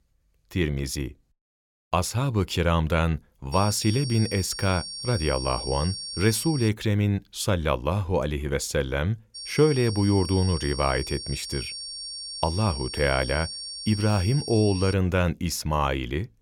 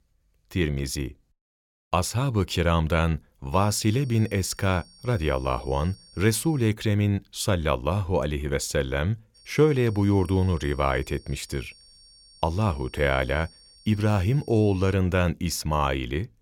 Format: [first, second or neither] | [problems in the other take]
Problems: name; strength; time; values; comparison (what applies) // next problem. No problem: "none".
second | high-pitched whine; loud; from 3.5 to 6.5 s and from 9.5 to 15 s; 5.5 kHz, 8 dB below the speech; faint in the second